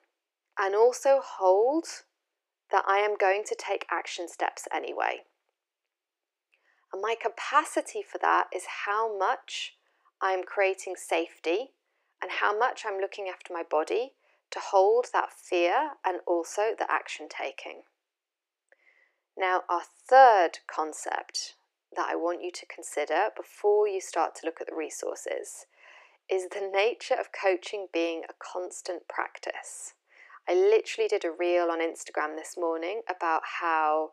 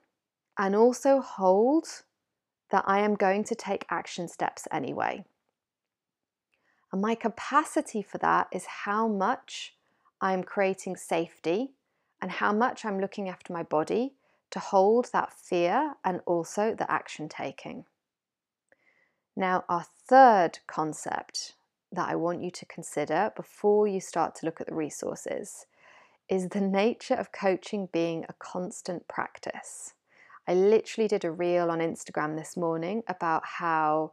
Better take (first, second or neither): second